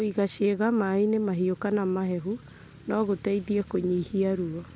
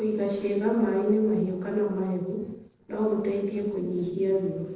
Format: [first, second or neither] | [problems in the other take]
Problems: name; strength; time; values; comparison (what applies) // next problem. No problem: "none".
first | noise reduction (neural separator model SepFormer DNS4)